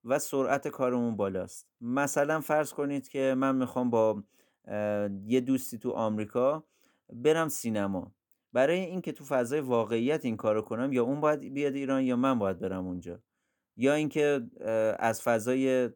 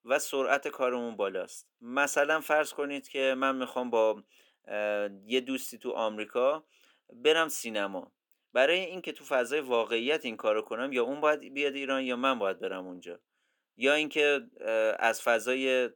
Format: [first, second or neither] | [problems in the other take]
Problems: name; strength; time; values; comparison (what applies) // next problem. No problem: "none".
first | thin; somewhat; fading below 400 Hz